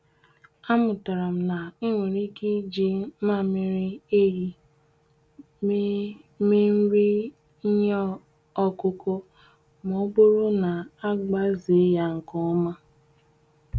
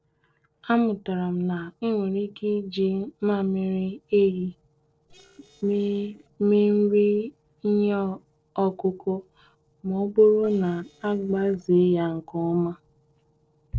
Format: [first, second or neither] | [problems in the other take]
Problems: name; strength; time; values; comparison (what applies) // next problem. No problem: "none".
first | noise reduction (neural separator model SepFormer DNS4)